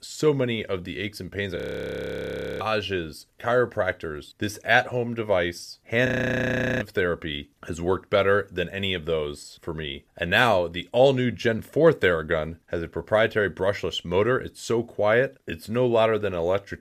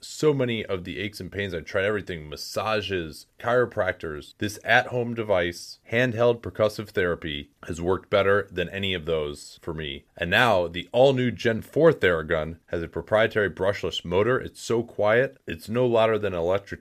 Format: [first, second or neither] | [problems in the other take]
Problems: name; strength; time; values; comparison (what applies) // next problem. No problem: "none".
second | audio freezing; at 1.5 s for 1 s and at 6 s for 0.5 s